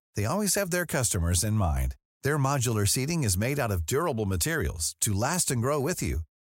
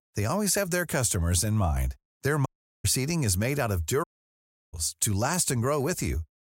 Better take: first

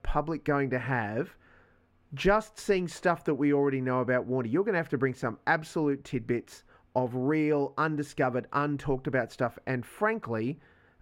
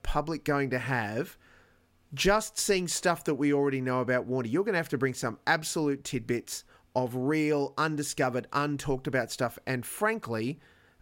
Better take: second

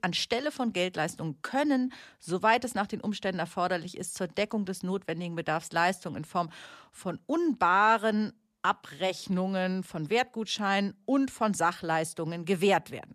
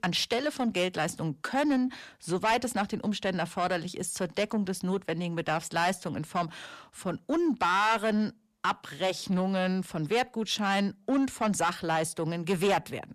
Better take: first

